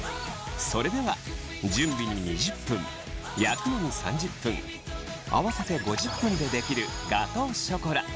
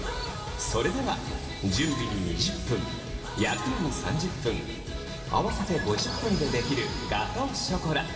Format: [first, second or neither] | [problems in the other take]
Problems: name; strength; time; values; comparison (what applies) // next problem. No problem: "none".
first | room echo; dies away in 2.8 s